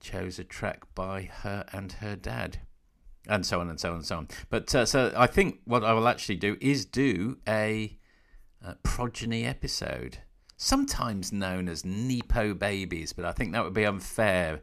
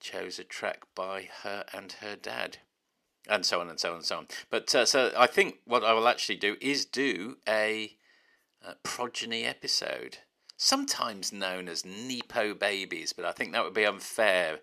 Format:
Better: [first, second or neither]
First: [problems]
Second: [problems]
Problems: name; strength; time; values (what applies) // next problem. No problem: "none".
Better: first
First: none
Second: thin; somewhat; fading below 400 Hz